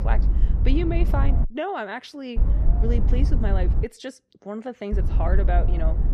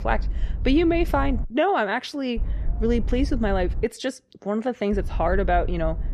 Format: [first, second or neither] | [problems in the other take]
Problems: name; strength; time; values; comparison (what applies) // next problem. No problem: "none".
second | low rumble; loud; until 1.5 s, from 2.5 to 4 s and from 5 s on; 8 dB below the speech; faint in the second